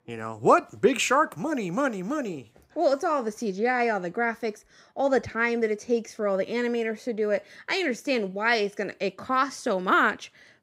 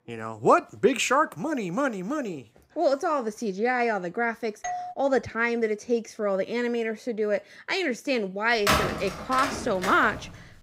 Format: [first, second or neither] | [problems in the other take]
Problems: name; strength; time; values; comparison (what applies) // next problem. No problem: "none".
first | doorbell; noticeable; at 4.5 s; peak 7 dB below the speech // phone ringing; loud; from 8.5 s on; peak 3 dB above the speech